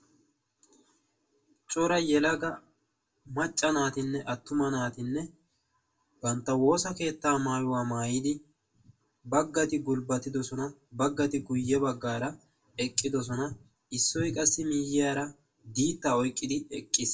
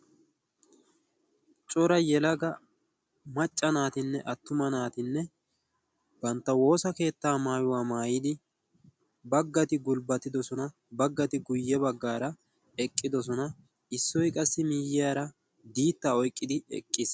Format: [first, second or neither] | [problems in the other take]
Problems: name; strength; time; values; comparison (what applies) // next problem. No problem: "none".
second | room echo; dies away in 0.2 s